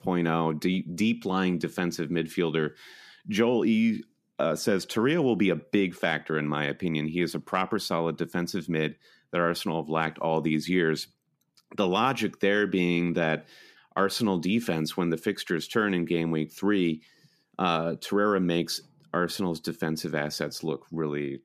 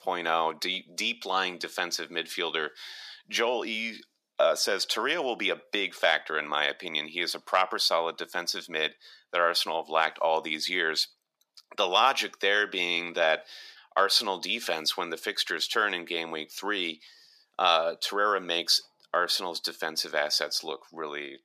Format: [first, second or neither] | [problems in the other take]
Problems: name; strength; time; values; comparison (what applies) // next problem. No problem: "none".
first | thin; very; fading below 750 Hz